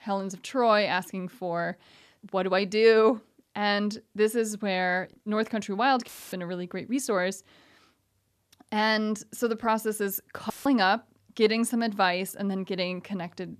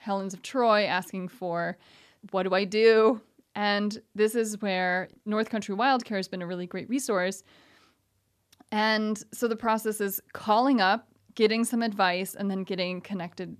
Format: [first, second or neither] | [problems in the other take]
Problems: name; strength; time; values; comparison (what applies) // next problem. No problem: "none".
second | audio cutting out; filled with static; at 6 s and at 11 s